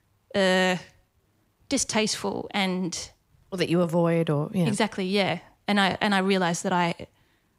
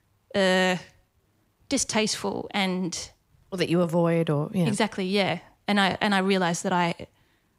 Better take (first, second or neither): neither